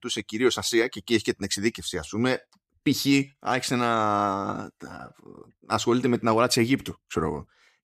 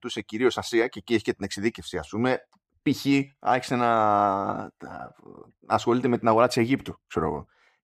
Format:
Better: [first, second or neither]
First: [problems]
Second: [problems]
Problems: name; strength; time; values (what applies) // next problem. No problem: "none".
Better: first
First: none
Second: muffled; slightly; fading above 3.5 kHz